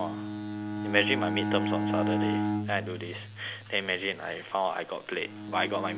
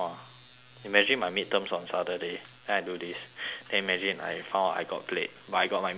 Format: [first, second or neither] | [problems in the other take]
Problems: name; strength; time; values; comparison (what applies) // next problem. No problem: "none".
second | background sound (Bowed string instrument); 1 dB below the speech